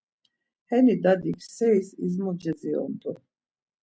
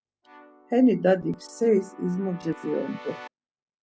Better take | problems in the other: first | background sound (Keyboard (musical)); 20 dB below the speech

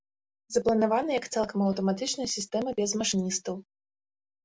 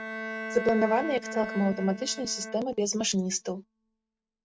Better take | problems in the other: first | noise reduction (neural mask model RNNoise)

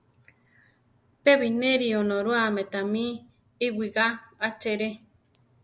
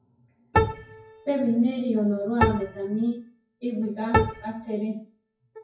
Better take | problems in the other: first | noise reduction (classical method WPE with log-MMSE)

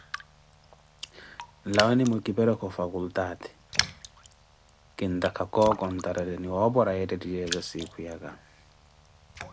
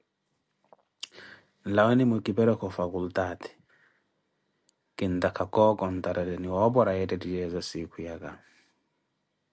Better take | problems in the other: second | background sound (Raindrop); 10 dB below the speech

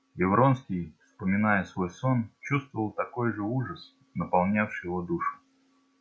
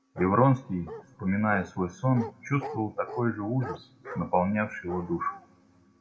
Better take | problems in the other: first | background sound (Bark); 16 dB below the speech // room echo; dies away in 0.4 s

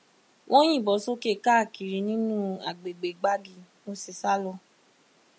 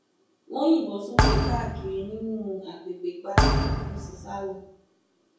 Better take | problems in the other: first | background sound (Thump, thud); 5 dB above the speech // room echo; dies away in 0.6 s

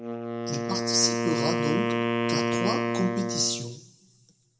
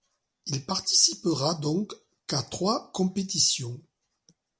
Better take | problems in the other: second | background sound (Wind instrument, woodwind instrument); 2 dB above the speech // room echo; dies away in 0.9 s

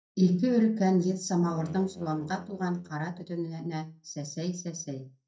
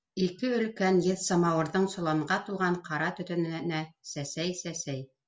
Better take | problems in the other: second | noise reduction (neural mask model DeepFilterNet 3)

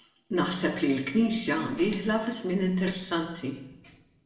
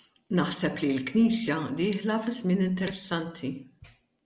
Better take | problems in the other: second | noise reduction (neural separator model SepFormer DNS4)

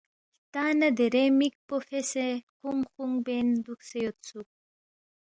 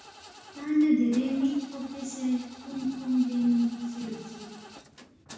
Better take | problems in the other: first | background sound (Engine starting / Car); 20 dB below the speech // room echo; dies away in 1.1 s

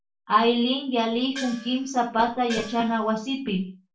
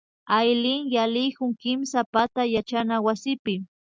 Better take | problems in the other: second | background sound (Gong); 15 dB below the speech // room echo; dies away in 0.3 s

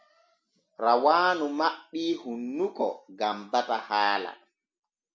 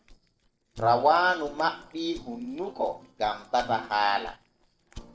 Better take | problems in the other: first | noise reduction (neural separator model SepFormer DNS4)

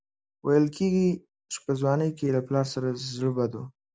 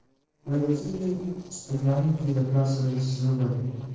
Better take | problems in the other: first | noise reduction (neural separator model SepFormer DNS4)

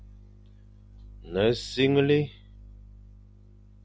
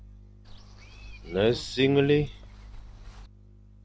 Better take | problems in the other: first | background sound (Walk, footsteps / Insect); 17 dB below the speech

